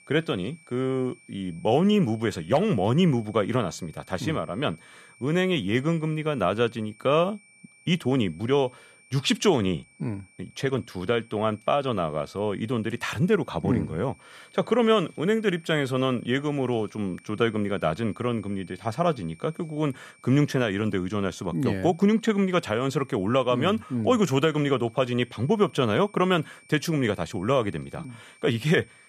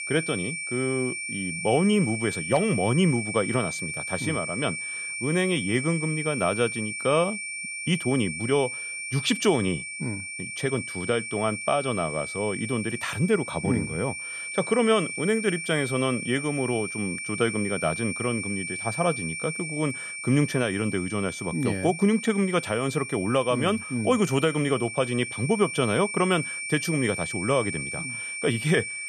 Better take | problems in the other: first | high-pitched whine; loud; throughout; 2.5 kHz, 5 dB below the speech; faint in the first

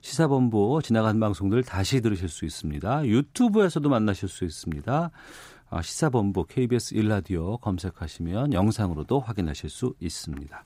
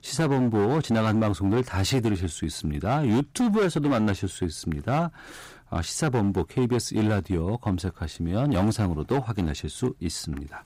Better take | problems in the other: first | distortion; slight; 12% of the sound clipped

